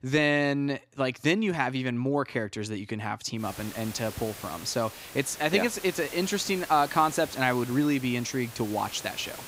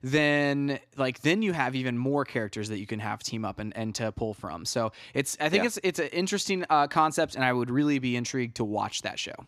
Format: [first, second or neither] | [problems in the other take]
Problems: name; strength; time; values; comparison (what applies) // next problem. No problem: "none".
second | hiss; noticeable; from 3.5 s on; 15 dB below the speech